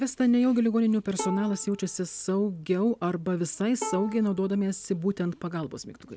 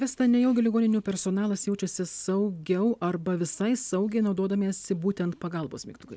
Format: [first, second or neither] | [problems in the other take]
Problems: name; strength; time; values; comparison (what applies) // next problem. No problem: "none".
second | background sound (Bowed string instrument); 15 dB below the speech